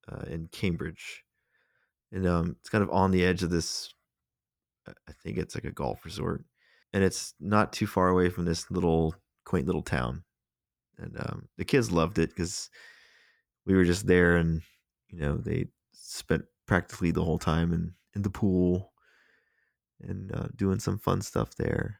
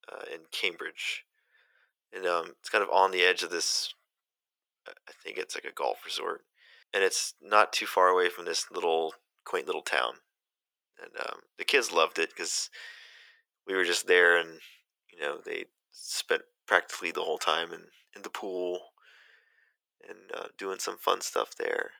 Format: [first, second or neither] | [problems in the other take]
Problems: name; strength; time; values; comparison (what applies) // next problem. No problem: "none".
first | thin; very; fading below 450 Hz